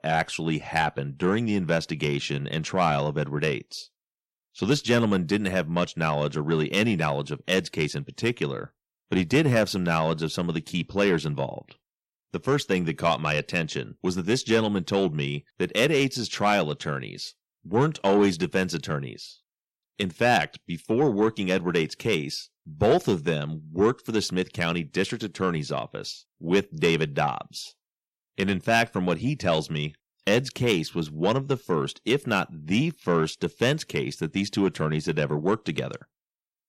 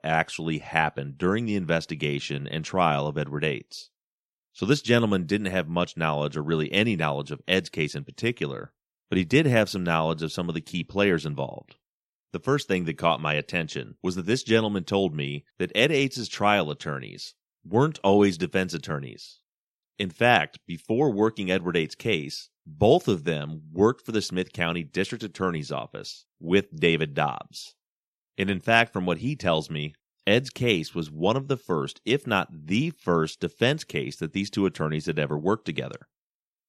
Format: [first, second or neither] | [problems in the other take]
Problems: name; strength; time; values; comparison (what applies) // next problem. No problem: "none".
second | distortion; slight; 10 dB below the speech